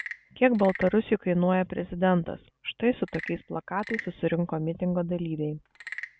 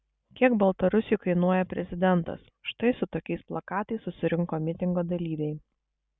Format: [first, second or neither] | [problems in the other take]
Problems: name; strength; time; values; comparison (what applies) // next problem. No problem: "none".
second | background sound (Wood / Percussion / Frog); 17 dB below the speech